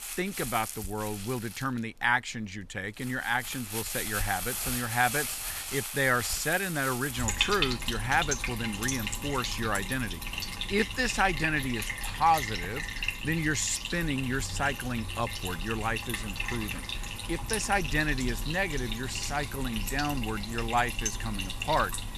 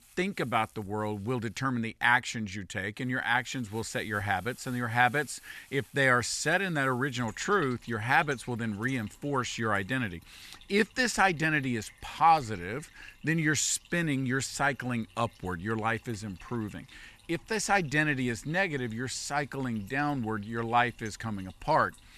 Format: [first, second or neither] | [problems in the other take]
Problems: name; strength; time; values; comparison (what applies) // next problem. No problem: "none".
second | household noises; loud; throughout; 3 dB below the speech; faint in the second